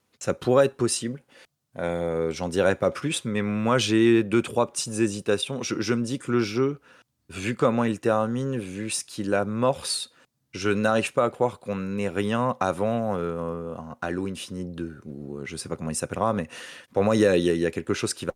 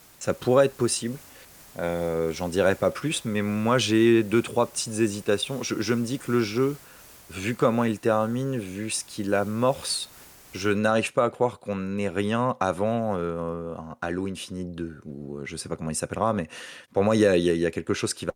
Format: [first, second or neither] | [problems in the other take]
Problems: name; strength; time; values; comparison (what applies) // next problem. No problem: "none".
first | hiss; faint; until 11 s; 25 dB below the speech